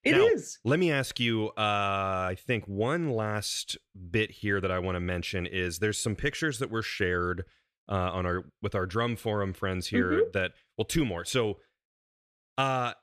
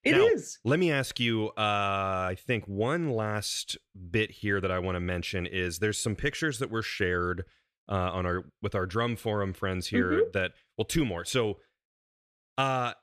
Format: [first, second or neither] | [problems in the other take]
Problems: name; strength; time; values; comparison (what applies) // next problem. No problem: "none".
neither | none